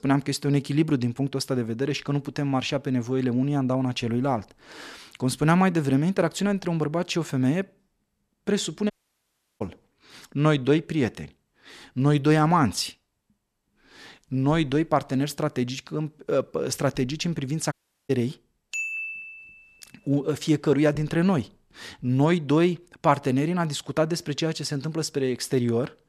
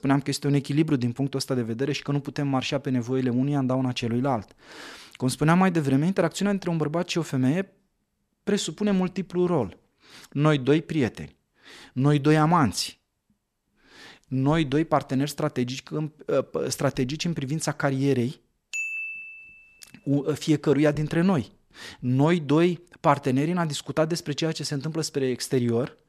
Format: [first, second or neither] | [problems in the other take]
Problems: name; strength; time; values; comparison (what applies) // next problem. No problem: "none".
second | audio cutting out; at 9 s for 0.5 s and at 18 s